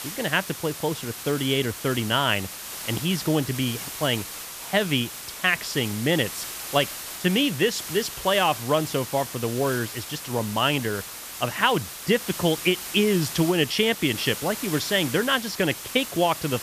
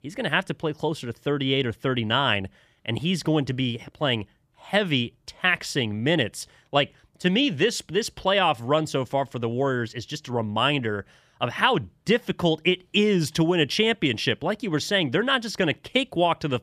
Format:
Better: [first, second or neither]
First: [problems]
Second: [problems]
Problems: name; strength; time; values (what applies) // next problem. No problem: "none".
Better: second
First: hiss; loud; throughout; 9 dB below the speech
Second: none